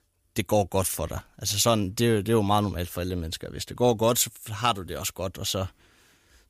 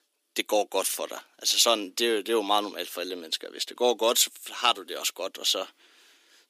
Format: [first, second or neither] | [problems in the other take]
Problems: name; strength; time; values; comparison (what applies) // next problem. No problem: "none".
first | thin; somewhat; fading below 300 Hz